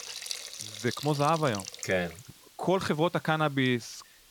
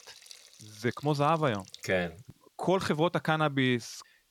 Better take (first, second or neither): second